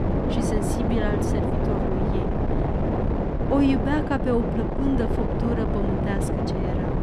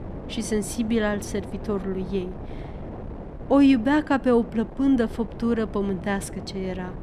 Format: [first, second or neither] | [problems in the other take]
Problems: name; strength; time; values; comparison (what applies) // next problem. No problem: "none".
second | wind noise on the microphone; heavy; 1 dB above the speech; occasional gusts in the second